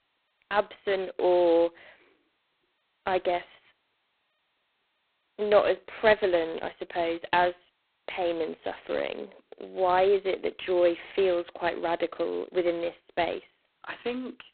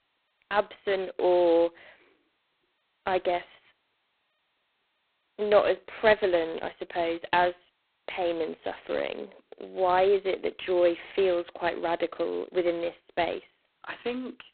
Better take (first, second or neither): neither